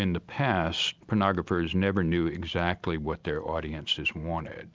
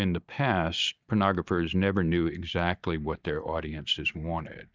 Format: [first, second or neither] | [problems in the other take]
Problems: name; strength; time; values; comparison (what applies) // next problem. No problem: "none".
first | noise reduction (neural mask model DeepFilterNet 3)